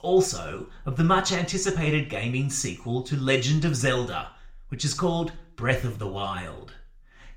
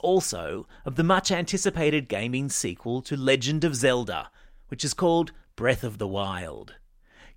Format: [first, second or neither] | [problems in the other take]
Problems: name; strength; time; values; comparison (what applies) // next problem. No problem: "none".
second | room echo; very slight; dies away in 0.4 s // off-mic speech; somewhat distant